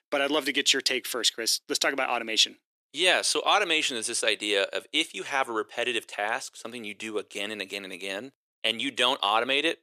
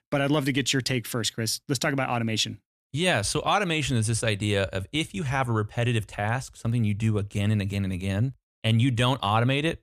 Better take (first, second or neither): second